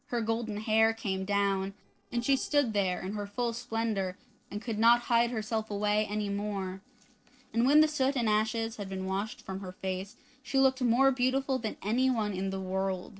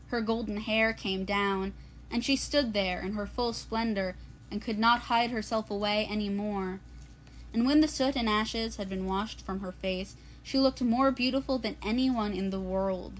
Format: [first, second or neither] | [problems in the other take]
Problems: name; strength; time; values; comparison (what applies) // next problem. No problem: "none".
second | noise reduction (neural separator model SepFormer DNS4)